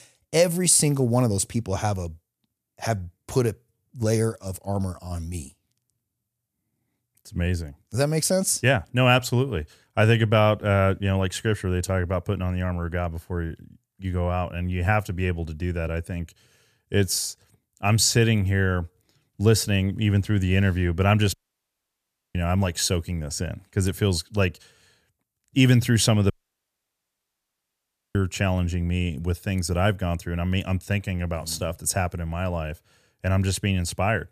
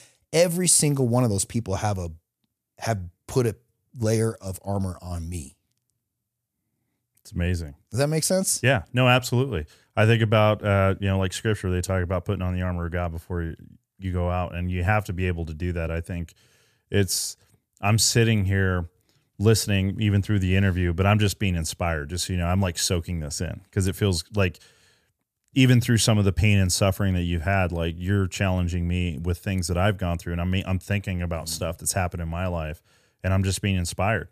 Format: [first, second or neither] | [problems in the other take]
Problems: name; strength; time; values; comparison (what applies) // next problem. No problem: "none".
second | audio cutting out; at 21 s for 1 s and at 26 s for 2 s